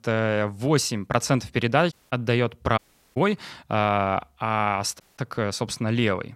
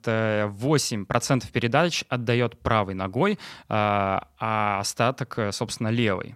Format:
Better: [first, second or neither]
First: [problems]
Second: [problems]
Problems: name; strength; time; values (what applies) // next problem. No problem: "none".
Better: second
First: audio cutting out; at 2 s, at 3 s and at 5 s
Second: none